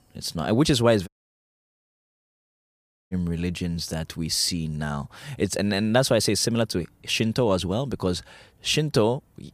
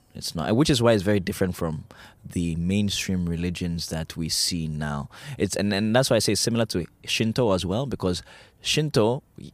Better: second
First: audio cutting out; at 1 s for 2 s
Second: none

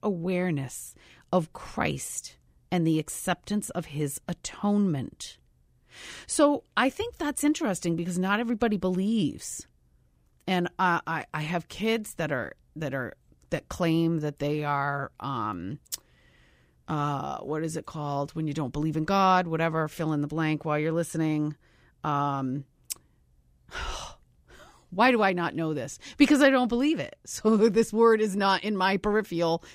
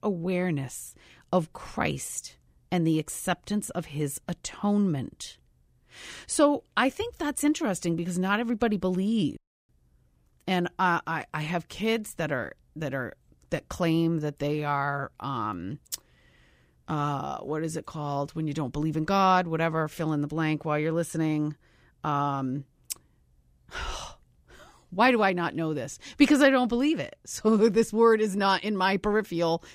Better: first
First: none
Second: audio cutting out; at 9.5 s

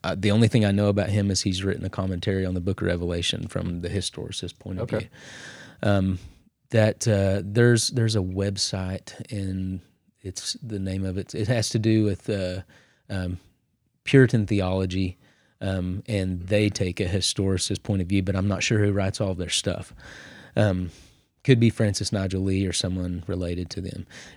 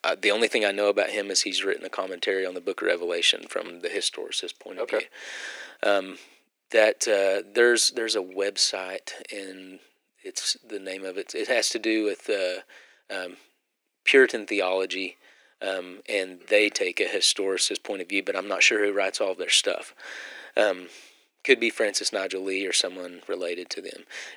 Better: first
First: none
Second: thin; very; fading below 350 Hz

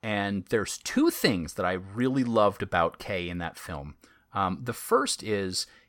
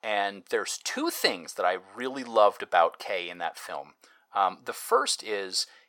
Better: first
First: none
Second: thin; very; fading below 550 Hz

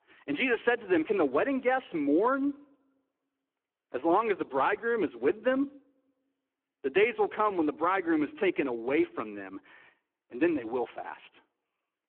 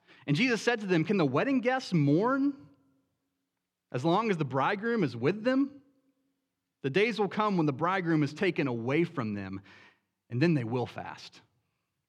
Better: second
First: phone-call audio; poor line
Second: none

